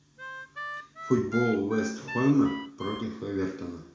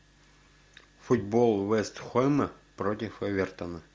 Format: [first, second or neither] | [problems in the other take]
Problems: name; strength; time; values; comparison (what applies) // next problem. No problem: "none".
second | background sound (Harmonica); 11 dB below the speech // room echo; dies away in 0.6 s